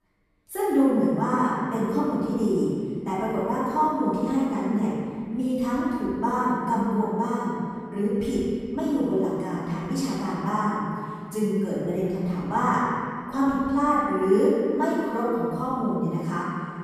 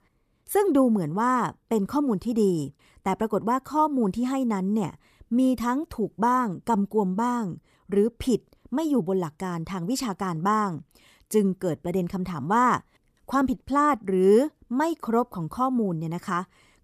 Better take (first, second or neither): second